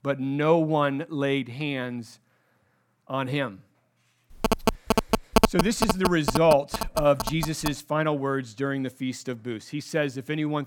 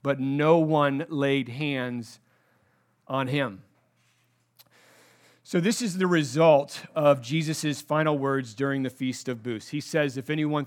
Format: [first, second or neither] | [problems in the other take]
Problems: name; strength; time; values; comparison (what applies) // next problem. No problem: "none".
second | phone ringing; loud; from 4.5 to 7.5 s; peak 5 dB above the speech